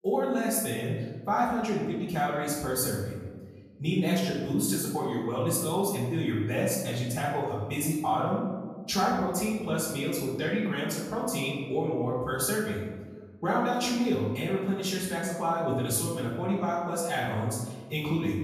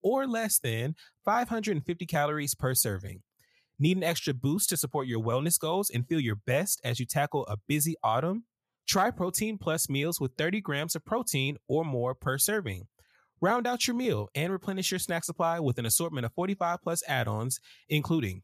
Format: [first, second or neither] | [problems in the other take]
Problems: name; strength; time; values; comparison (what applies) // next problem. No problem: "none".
second | room echo; noticeable; dies away in 1.4 s // off-mic speech; far